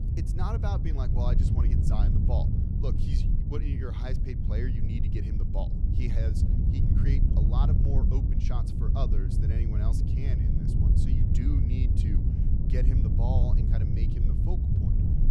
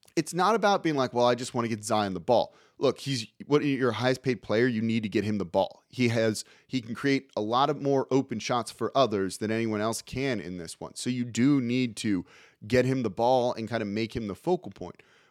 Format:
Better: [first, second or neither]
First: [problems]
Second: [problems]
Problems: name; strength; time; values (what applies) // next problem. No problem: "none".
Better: second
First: wind noise on the microphone; heavy; 1 dB above the speech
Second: none